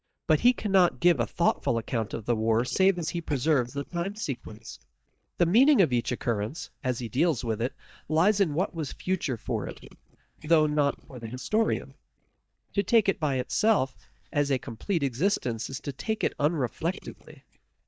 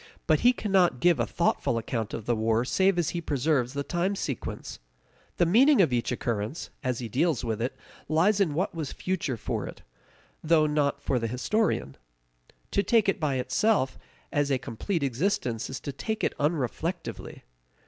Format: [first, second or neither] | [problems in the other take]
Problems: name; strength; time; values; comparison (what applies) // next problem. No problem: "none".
second | noise reduction (neural mask model DeepFilterNet 3)